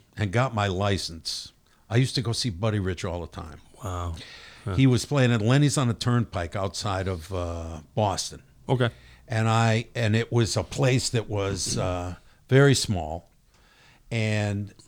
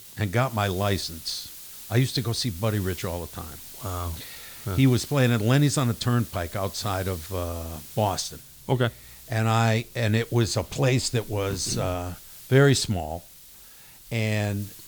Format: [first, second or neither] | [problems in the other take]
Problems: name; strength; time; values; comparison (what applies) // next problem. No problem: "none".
first | hiss; noticeable; throughout; 15 dB below the speech